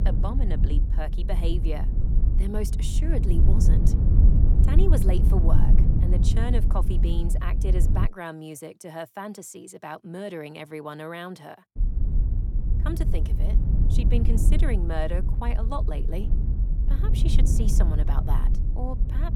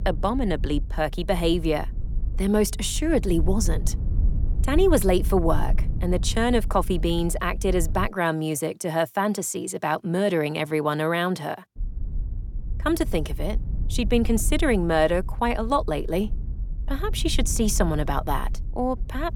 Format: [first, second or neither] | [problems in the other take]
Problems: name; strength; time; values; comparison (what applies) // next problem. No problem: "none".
second | low rumble; loud; until 8 s and from 12 s on; 4 dB below the speech; faint in the second